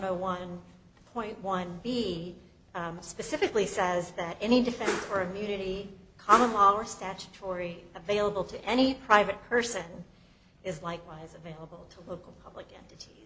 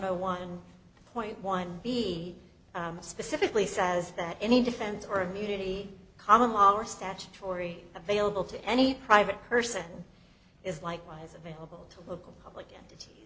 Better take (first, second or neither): second